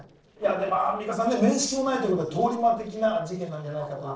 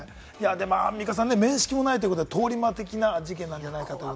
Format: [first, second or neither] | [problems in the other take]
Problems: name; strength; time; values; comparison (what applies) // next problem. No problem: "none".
second | noise reduction (neural separator model SepFormer DNS4)